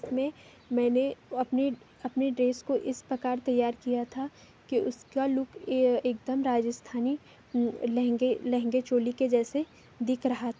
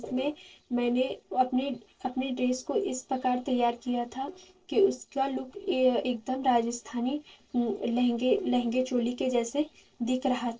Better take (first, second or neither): first